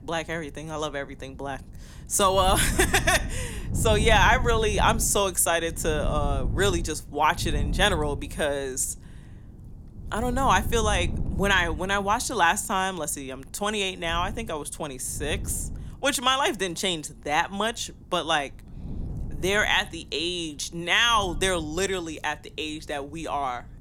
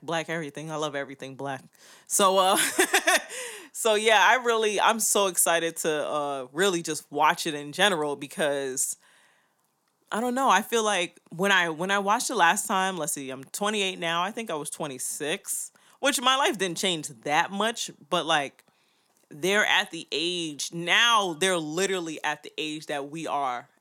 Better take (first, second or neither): second